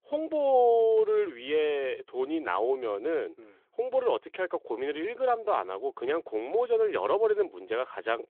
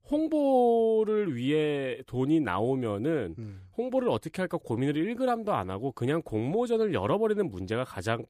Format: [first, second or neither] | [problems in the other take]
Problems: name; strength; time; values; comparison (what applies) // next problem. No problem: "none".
second | phone-call audio